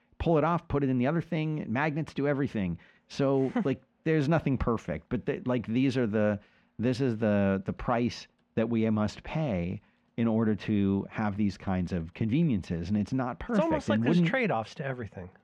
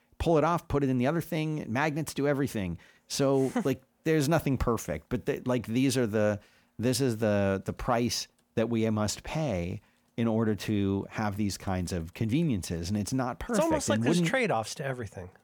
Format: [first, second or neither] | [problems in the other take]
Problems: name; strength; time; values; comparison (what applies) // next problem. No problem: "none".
second | muffled; slightly; fading above 3 kHz